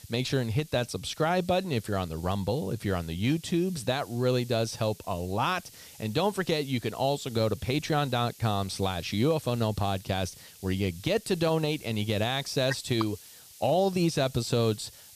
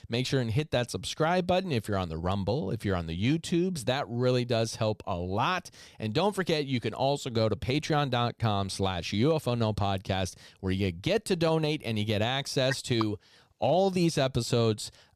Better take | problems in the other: second | hiss; faint; throughout; 20 dB below the speech

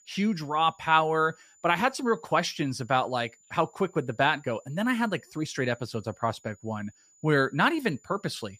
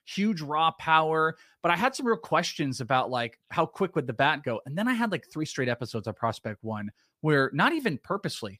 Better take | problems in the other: second | high-pitched whine; faint; throughout; 7 kHz, 30 dB below the speech

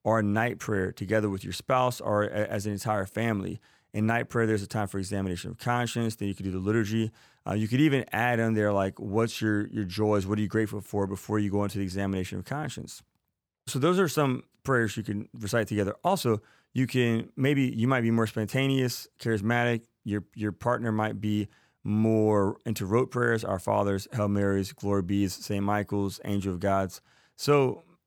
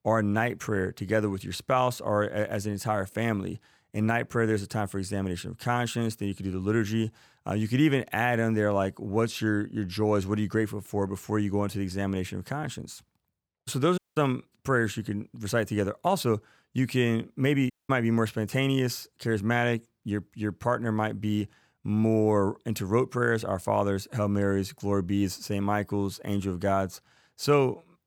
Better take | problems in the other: first | audio cutting out; at 14 s and at 18 s

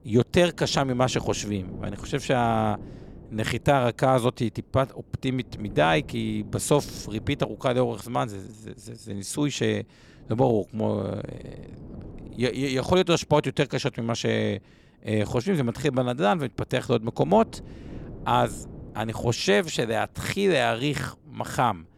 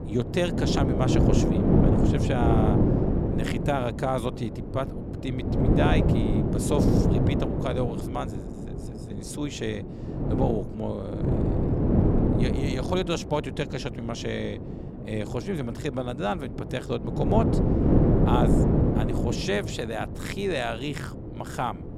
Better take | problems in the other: first | wind noise on the microphone; heavy; 1 dB above the speech; occasional gusts in the first

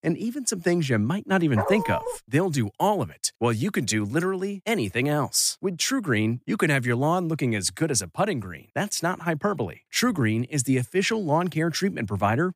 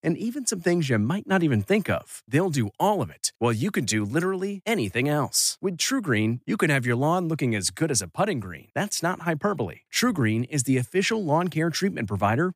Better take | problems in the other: second | dog barking; noticeable; at 1.5 s; peak 3 dB below the speech

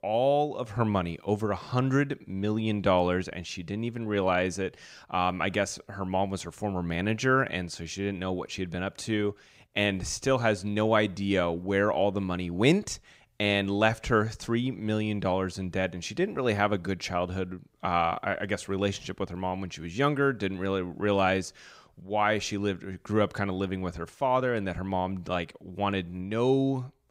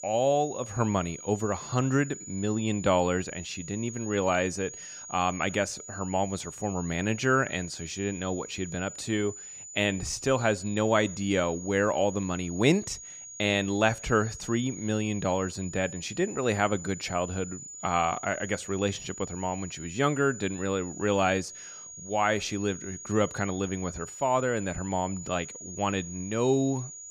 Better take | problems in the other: first | high-pitched whine; noticeable; throughout; 6.5 kHz, 10 dB below the speech

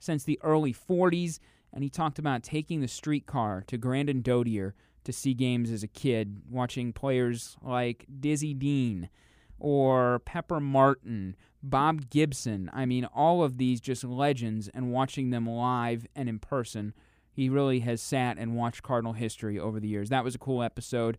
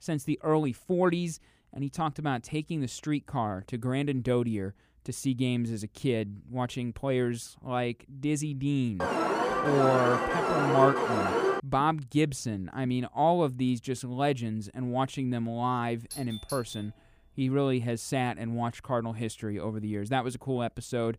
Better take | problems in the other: first | alarm; loud; from 9 to 12 s; peak 3 dB above the speech // doorbell; faint; from 16 to 17 s; peak 10 dB below the speech

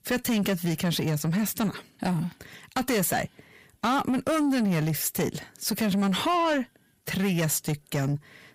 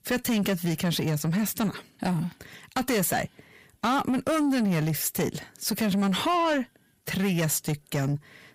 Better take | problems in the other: neither | distortion; slight; 10 dB below the speech; the same in both

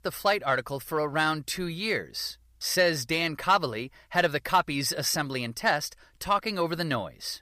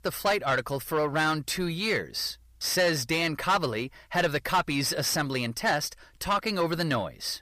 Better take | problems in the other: first | distortion; slight; 10 dB below the speech

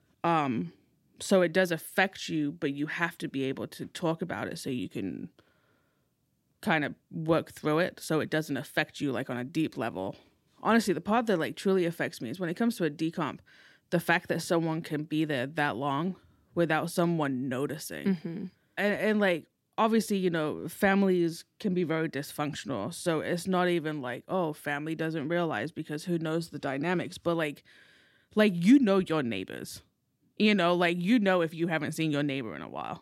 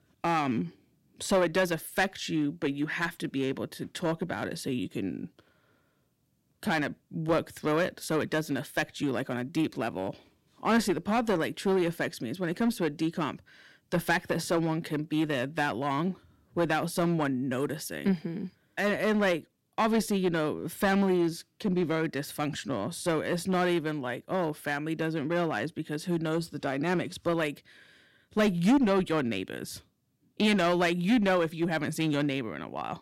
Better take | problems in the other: first | distortion; slight; 4% of the sound clipped

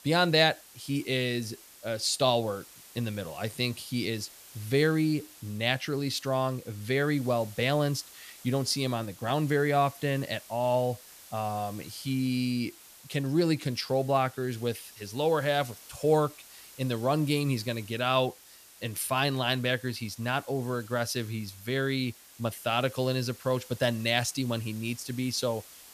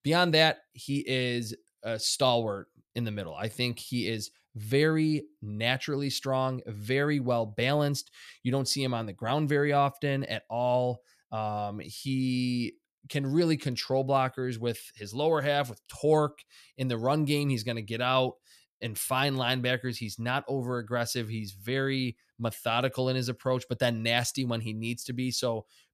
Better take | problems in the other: second | hiss; noticeable; throughout; 20 dB below the speech

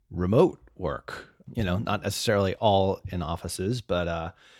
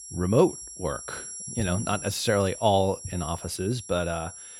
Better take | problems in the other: first | high-pitched whine; noticeable; throughout; 11 kHz, 10 dB below the speech

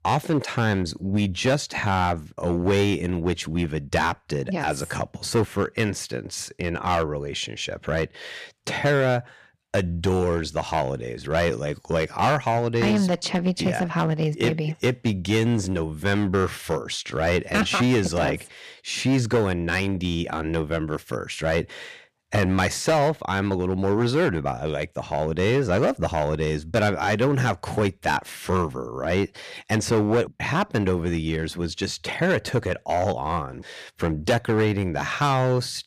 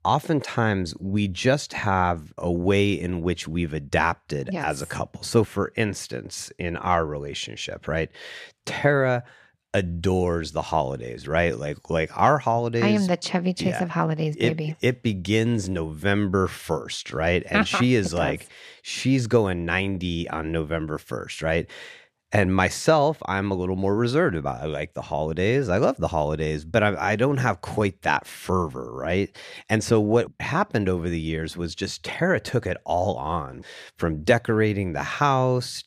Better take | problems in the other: second | distortion; slight; 6% of the sound clipped

